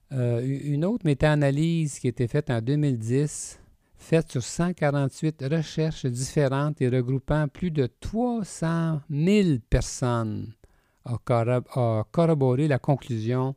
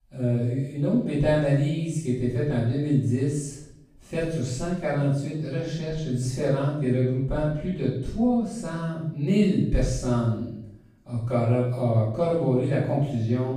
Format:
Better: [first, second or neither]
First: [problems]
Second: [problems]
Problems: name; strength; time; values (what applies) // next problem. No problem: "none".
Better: first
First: none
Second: off-mic speech; far // room echo; noticeable; dies away in 0.6 s